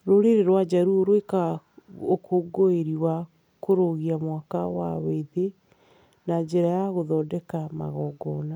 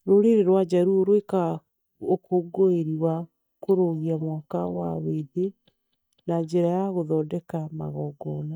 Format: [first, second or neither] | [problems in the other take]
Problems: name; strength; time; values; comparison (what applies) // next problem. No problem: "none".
first | noise reduction (neural mask model DeepFilterNet 3)